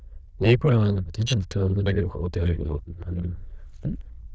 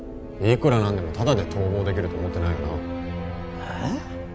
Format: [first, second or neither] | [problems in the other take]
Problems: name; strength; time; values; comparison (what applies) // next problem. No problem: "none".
second | noise reduction (neural diffusion model UNIVERSE++)